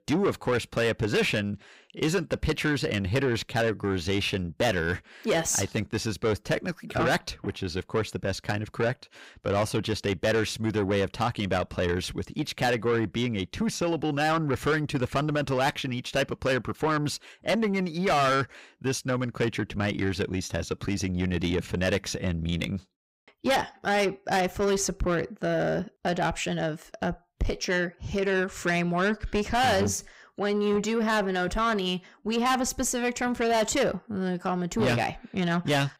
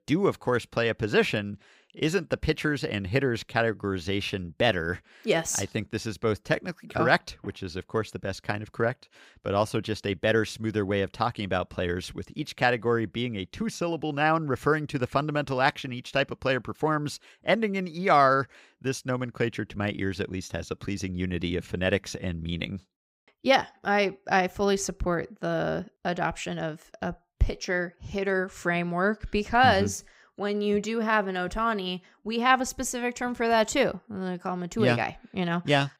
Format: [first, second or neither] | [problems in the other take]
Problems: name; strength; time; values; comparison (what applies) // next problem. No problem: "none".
second | distortion; heavy; 7 dB below the speech